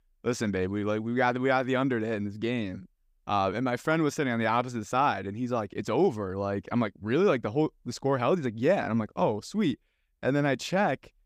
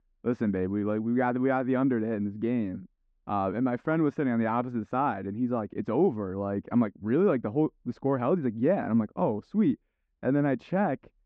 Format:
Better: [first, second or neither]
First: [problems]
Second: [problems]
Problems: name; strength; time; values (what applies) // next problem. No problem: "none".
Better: first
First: none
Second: muffled; very; fading above 1.5 kHz